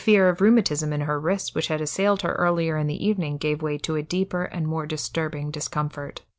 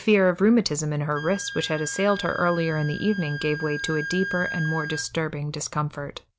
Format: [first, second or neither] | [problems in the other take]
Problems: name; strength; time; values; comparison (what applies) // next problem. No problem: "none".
first | background sound (Wind instrument, woodwind instrument); 11 dB below the speech